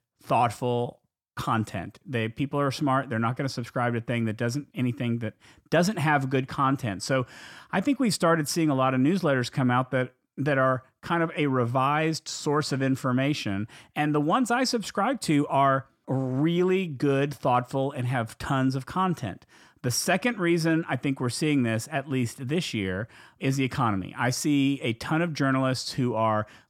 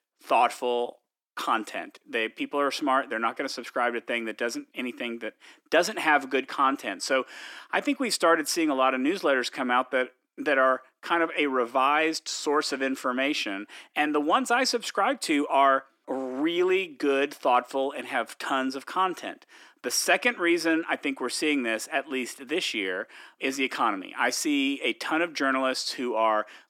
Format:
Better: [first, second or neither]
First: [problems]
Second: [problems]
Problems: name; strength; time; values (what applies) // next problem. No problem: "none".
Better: first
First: none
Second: thin; somewhat; fading below 300 Hz